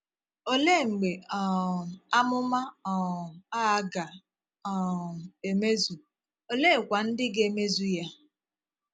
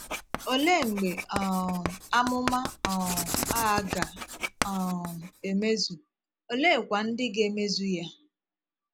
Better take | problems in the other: first | background sound (Writing); 7 dB below the speech

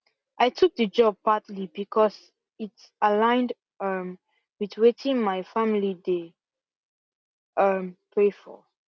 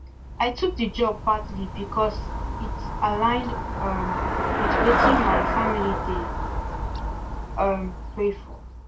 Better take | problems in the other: first | background sound (Traffic noise, roadway noise / Bicycle); 1 dB above the speech // room echo; dies away in 0.2 s

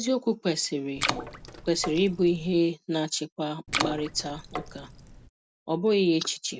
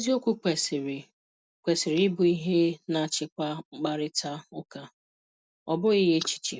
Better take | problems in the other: second | background sound (Water / Splash, splatter); 7 dB below the speech

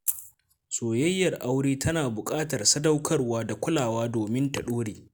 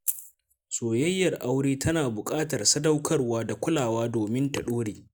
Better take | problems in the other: first | noise reduction (neural mask model Resemble Enhance denoiser)

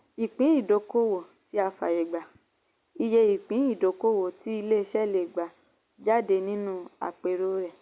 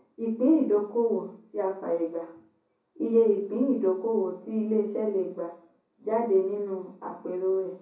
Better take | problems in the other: first | room echo; dies away in 0.6 s

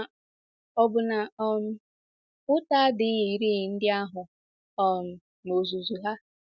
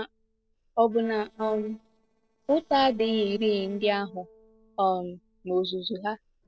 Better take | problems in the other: first | noise reduction (neural separator model SepFormer DNS4)

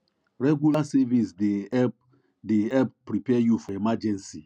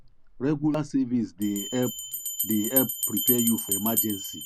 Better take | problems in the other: first | background sound (Bell); 3 dB below the speech

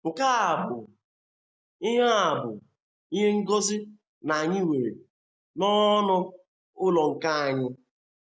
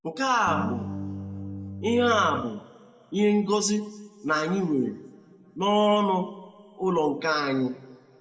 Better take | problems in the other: first | background sound (Electric guitar / Strum); 8 dB below the speech // room echo; dies away in 1.2 s

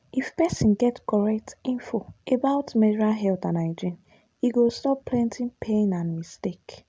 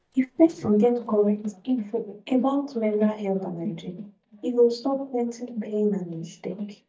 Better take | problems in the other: first | noise reduction (neural mask model DeepFilterNet 3)

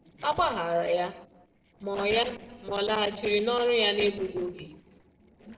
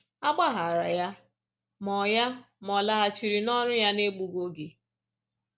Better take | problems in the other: second | noise reduction (neural separator model SepFormer DNS4)

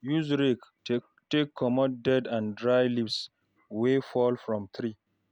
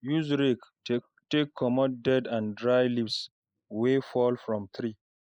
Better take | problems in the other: first | noise reduction (neural mask model Resemble Enhance denoiser)

